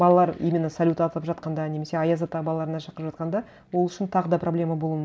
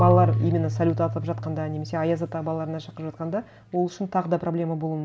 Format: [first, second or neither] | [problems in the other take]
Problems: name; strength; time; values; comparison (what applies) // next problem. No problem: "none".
first | background sound (Marimba, xylophone / Wood); 4 dB below the speech